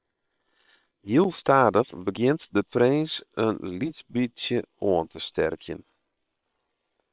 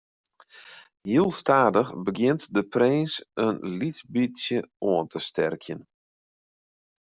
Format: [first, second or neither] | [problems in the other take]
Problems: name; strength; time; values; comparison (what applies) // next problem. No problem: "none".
second | noise reduction (neural separator model SepFormer WHAM!)